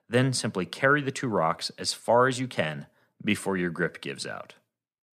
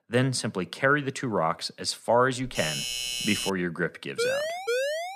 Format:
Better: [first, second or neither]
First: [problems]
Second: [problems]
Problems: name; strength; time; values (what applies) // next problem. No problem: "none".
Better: first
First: none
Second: doorbell; noticeable; from 2.5 to 3.5 s; peak 1 dB below the speech // siren; noticeable; at 4 s; peak level with the speech